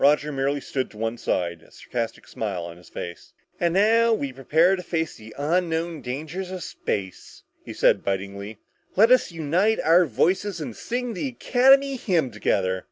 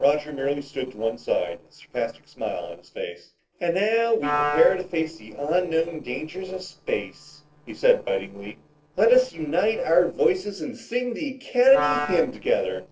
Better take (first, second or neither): first